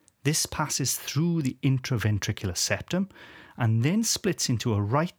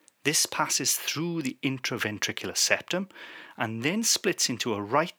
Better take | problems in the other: first | thin; somewhat; fading below 300 Hz

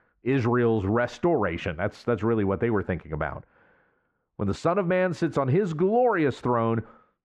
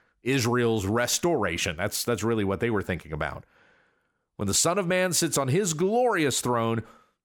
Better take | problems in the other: second | muffled; very; fading above 1.5 kHz

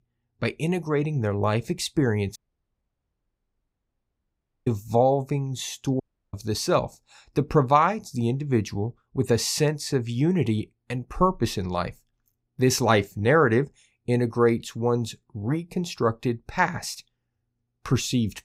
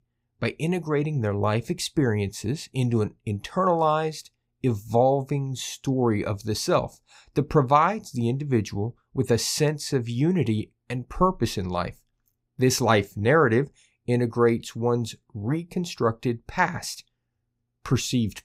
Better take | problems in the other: second | audio cutting out; at 2.5 s for 2.5 s and at 6 s

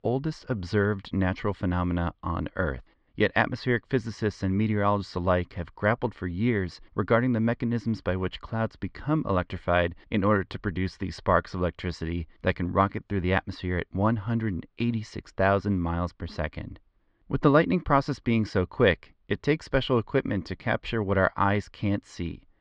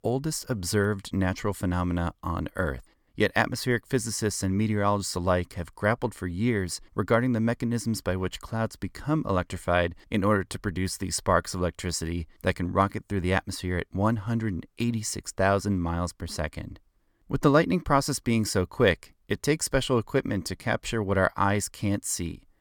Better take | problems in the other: second | muffled; slightly; fading above 4 kHz

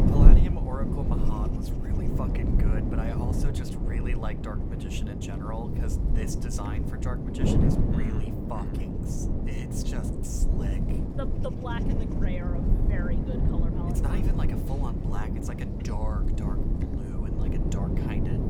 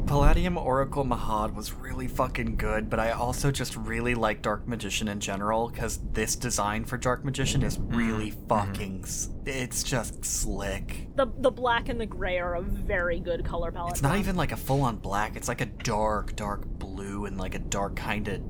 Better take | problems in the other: second | wind noise on the microphone; heavy; 3 dB above the speech; occasional gusts in the second

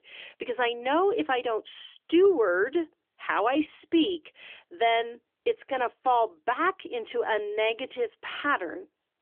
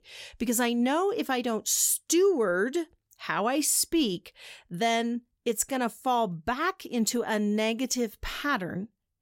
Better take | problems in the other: second | phone-call audio; nothing above 3.5 kHz

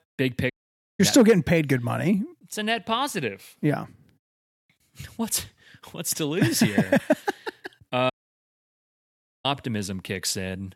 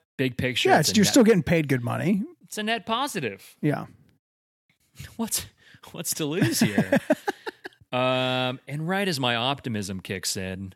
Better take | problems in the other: second | audio cutting out; at 0.5 s and at 8 s for 1.5 s

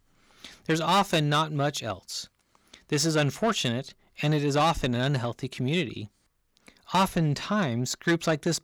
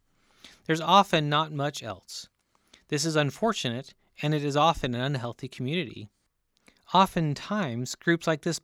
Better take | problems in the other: second | distortion; heavy; 8 dB below the speech

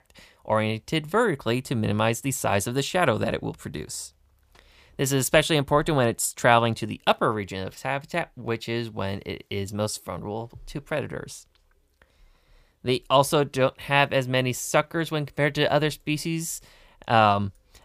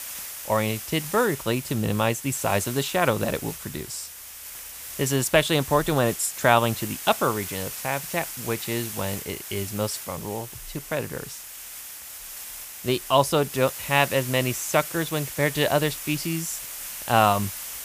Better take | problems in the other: first | hiss; loud; throughout; 9 dB below the speech

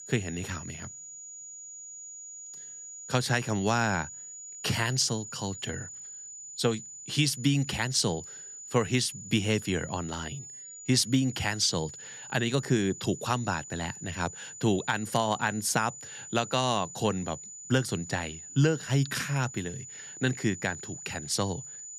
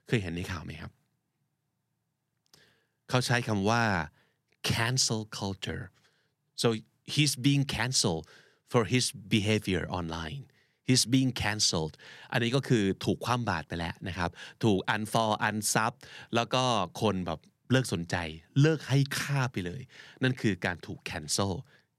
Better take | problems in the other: second | high-pitched whine; noticeable; throughout; 7 kHz, 10 dB below the speech

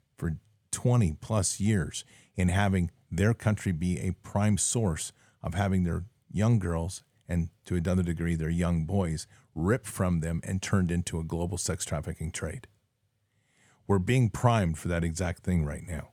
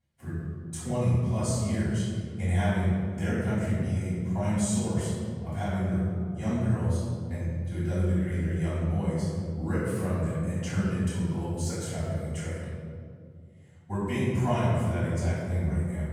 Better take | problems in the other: first | room echo; strong; dies away in 2.2 s // off-mic speech; far

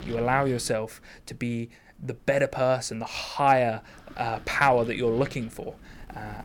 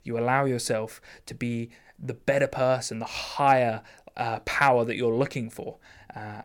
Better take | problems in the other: second | wind noise on the microphone; occasional gusts; 25 dB below the speech

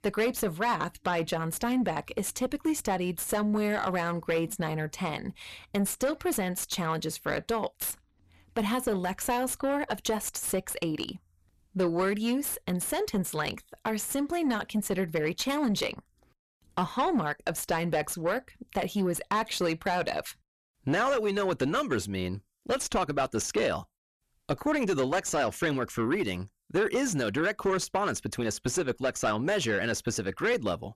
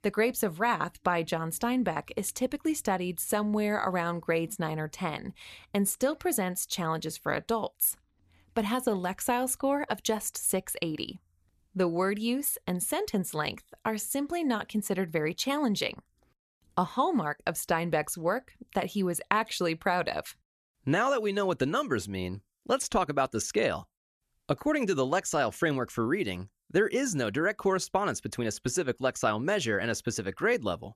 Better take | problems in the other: second | distortion; slight; 9 dB below the speech

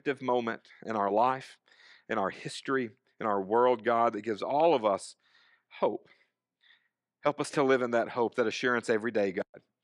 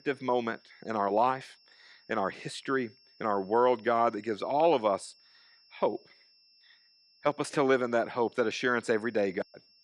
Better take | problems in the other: first | high-pitched whine; faint; throughout; 5.5 kHz, 30 dB below the speech

